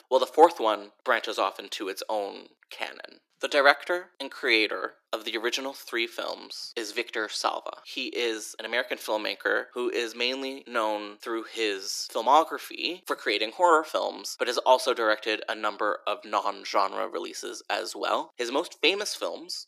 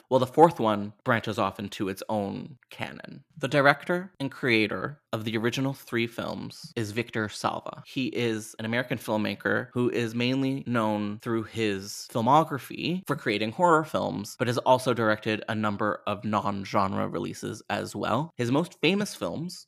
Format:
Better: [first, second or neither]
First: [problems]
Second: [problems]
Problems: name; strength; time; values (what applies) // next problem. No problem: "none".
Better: second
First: thin; very; fading below 350 Hz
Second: none